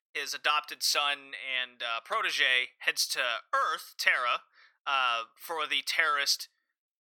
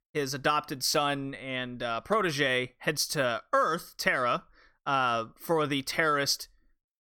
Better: second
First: thin; very; fading below 850 Hz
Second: none

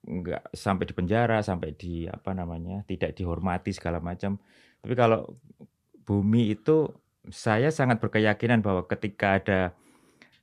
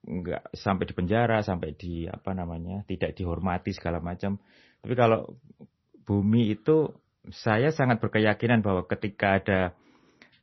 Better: first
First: none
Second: garbled, watery; slightly; nothing above 6 kHz

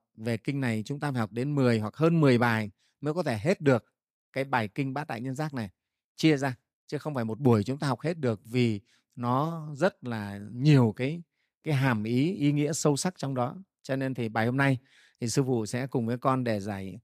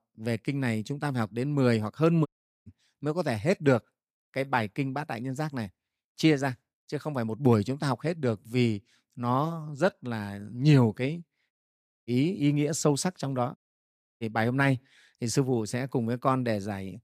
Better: first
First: none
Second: audio cutting out; at 2.5 s, at 12 s for 0.5 s and at 14 s for 0.5 s

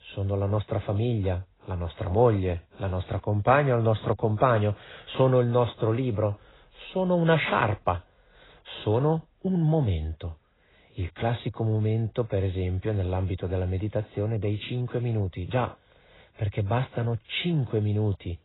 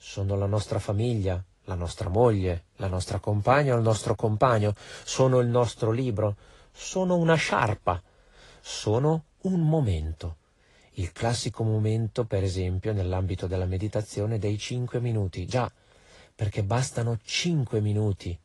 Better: second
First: garbled, watery; badly; nothing above 4 kHz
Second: garbled, watery; slightly; nothing above 10.5 kHz

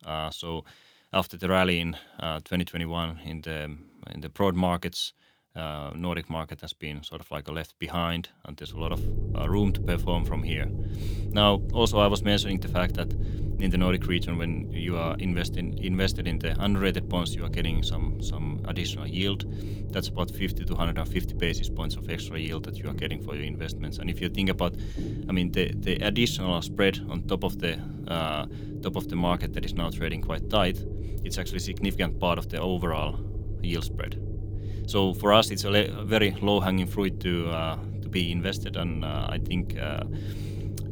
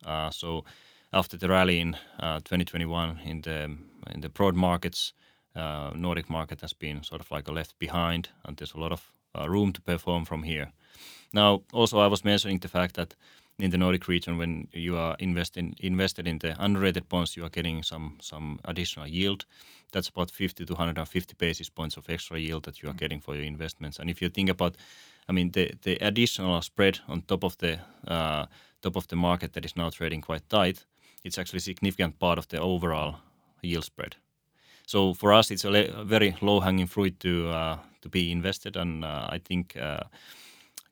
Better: second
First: low rumble; noticeable; from 9 s on; 15 dB below the speech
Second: none

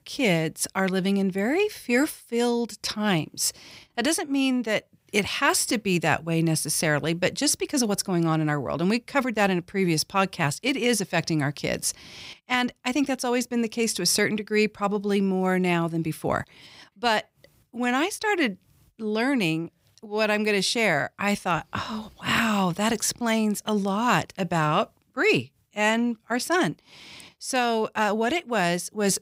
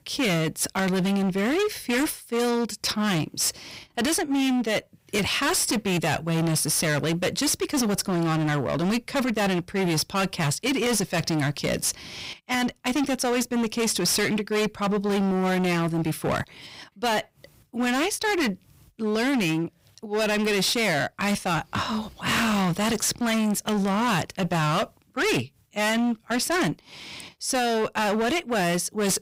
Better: first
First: none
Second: distortion; heavy; 25% of the sound clipped

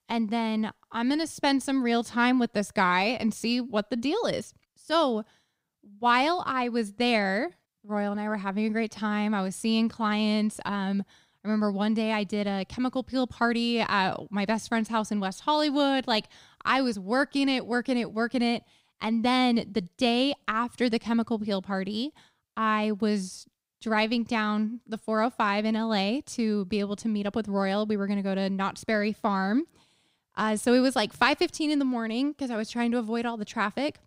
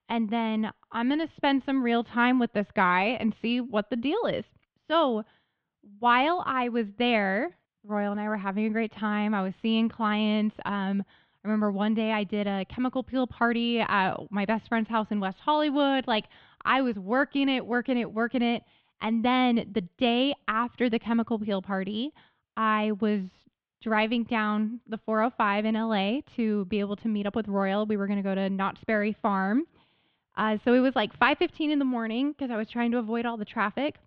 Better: first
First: none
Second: muffled; very; fading above 3.5 kHz

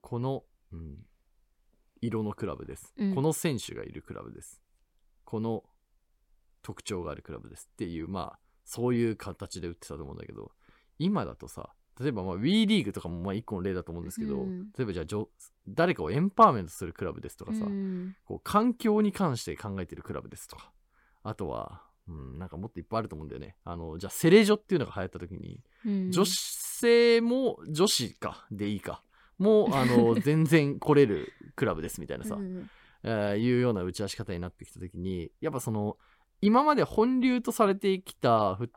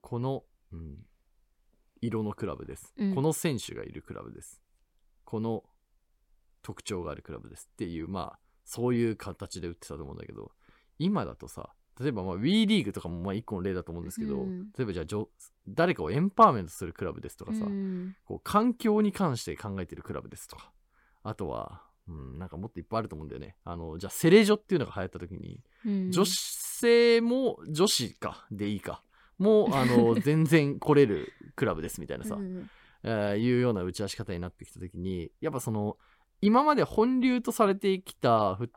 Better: neither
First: none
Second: none

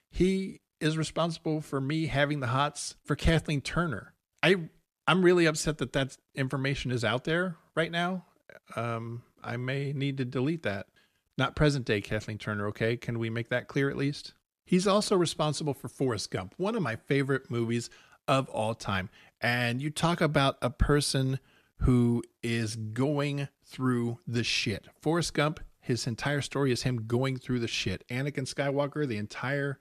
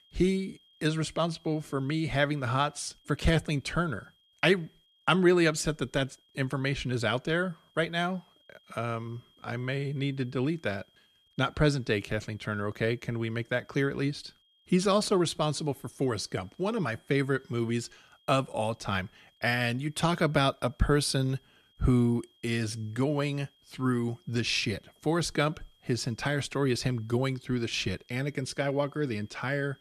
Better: first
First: none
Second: high-pitched whine; faint; throughout; 3 kHz, 35 dB below the speech

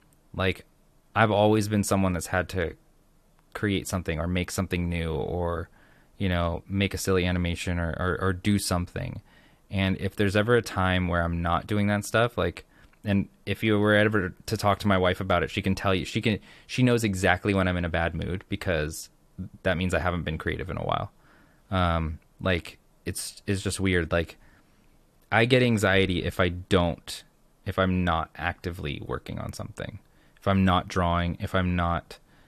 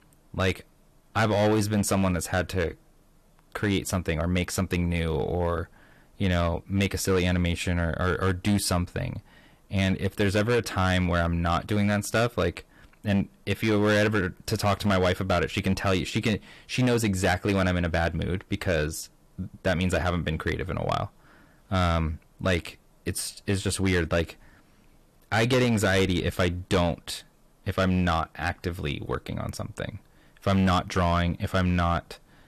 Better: first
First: none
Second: distortion; slight; 7% of the sound clipped

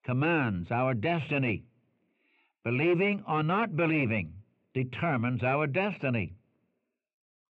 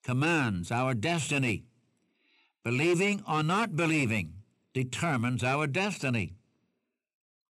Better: second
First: muffled; very; fading above 2.5 kHz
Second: none

